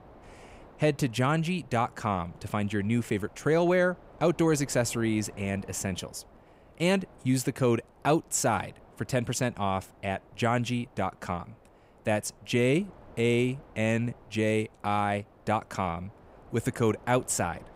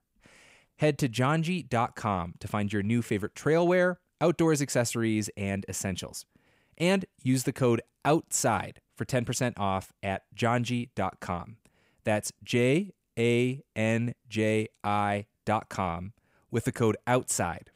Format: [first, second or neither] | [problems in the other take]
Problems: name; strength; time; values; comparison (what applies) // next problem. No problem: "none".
second | wind noise on the microphone; occasional gusts; 25 dB below the speech